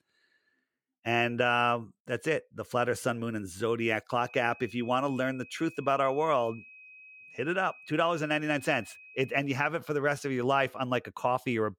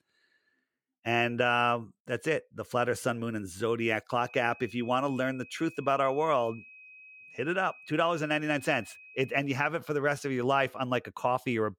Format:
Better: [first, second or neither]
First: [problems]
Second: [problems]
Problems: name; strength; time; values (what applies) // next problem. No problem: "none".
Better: neither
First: high-pitched whine; noticeable; from 4.5 to 9.5 s; 2.5 kHz, 20 dB below the speech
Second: high-pitched whine; noticeable; from 4.5 to 9.5 s; 2.5 kHz, 20 dB below the speech